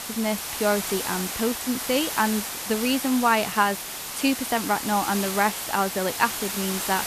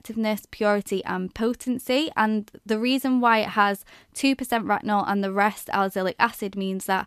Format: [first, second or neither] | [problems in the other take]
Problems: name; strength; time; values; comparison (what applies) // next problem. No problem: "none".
second | hiss; loud; throughout; 4 dB below the speech